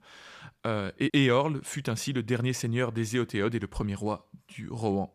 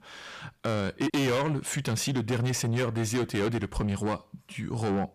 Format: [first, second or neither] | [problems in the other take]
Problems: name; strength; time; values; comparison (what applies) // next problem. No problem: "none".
first | distortion; heavy; 6 dB below the speech